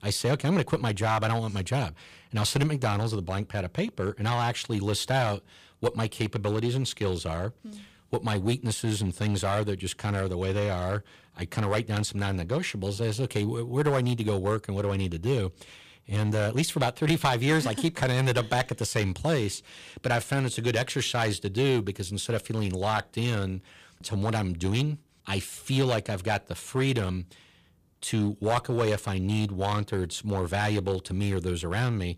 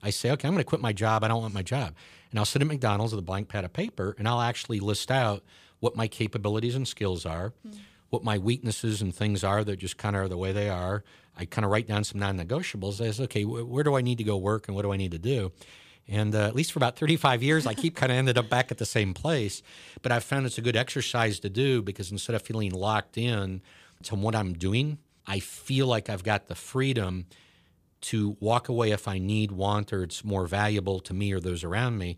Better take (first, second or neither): second